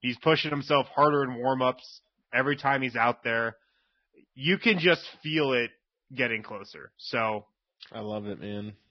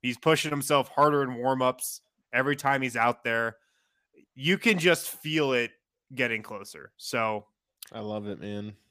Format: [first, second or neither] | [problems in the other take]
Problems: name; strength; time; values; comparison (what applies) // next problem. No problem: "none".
second | garbled, watery; badly; nothing above 5.5 kHz